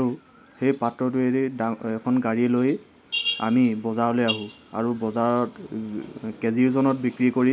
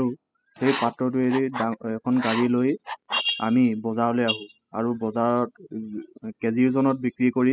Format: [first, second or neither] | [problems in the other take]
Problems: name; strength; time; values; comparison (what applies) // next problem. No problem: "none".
first | noise reduction (classical method spectral subtraction)